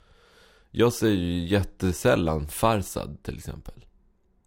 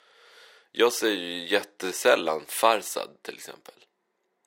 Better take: first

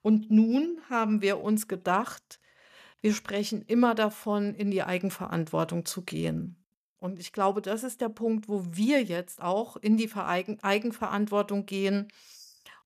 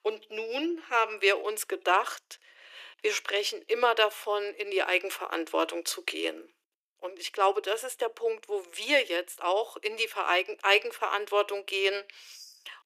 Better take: first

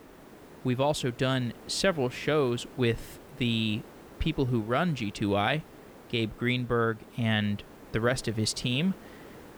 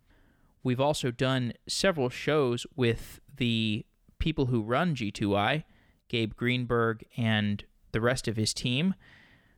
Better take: second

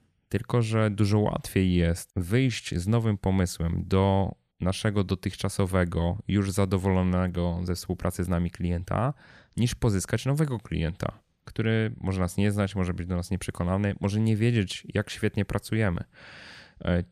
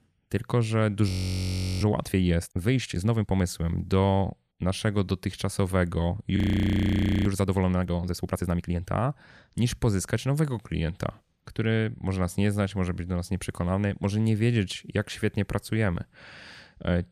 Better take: first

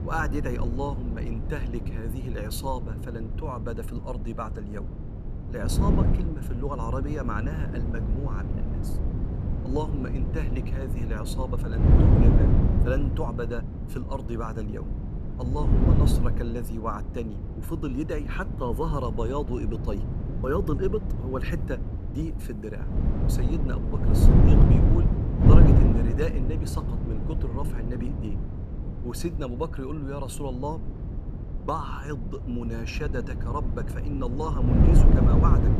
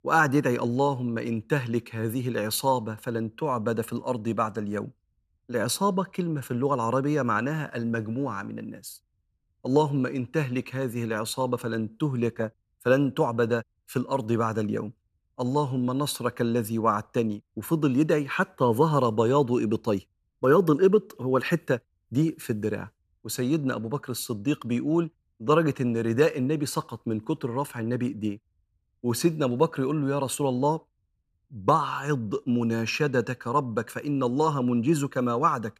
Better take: second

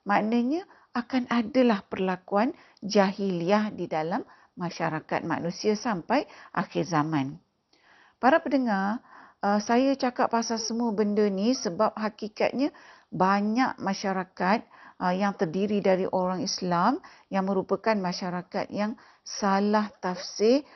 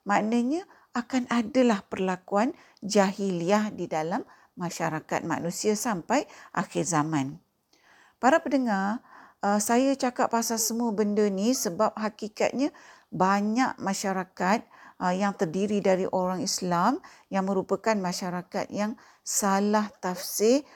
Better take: second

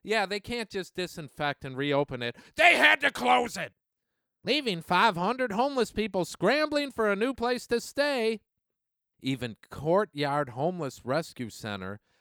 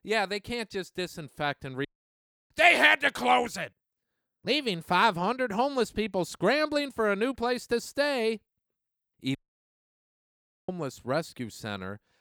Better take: first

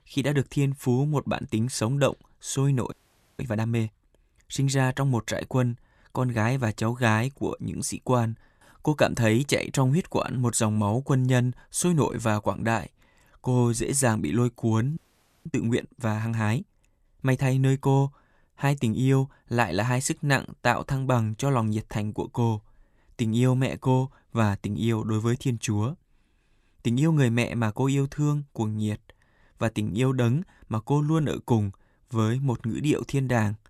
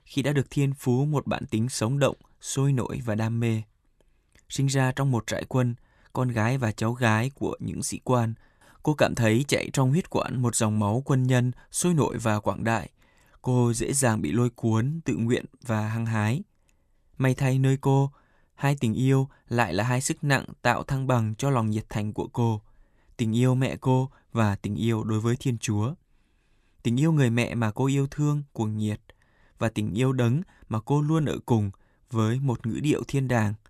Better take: second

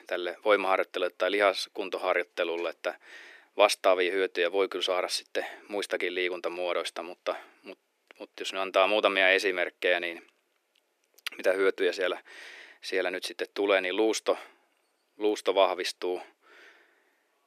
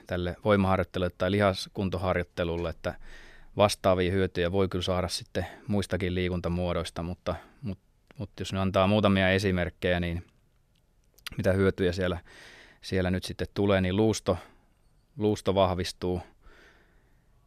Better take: second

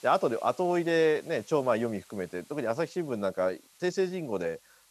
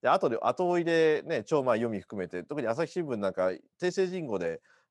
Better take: second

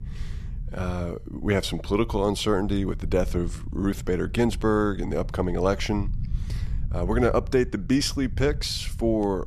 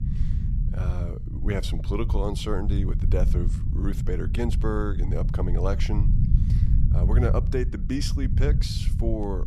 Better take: first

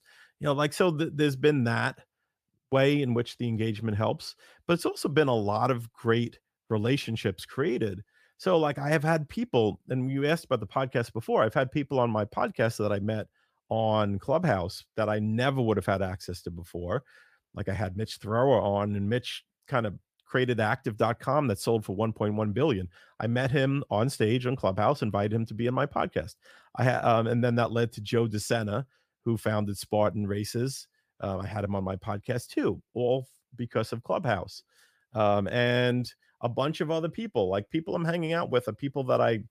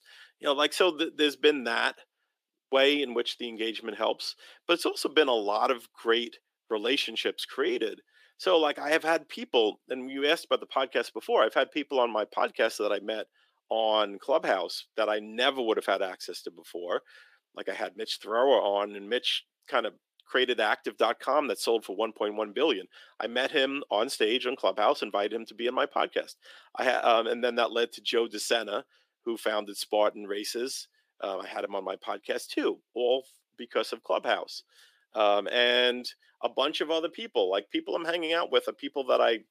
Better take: first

